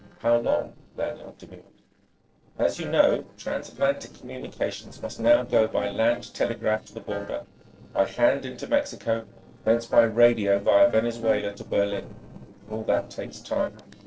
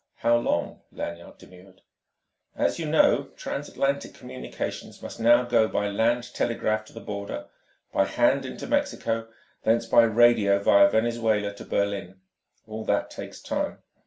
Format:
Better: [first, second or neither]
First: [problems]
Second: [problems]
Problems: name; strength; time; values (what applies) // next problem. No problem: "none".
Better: second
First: noise reduction (neural separator model SepFormer DNS4)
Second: none